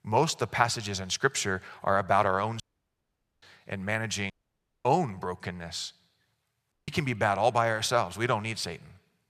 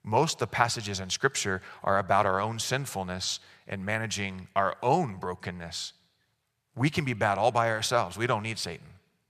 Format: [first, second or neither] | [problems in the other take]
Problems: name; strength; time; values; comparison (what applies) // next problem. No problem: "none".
second | audio cutting out; at 2.5 s for 1 s, at 4.5 s for 0.5 s and at 6.5 s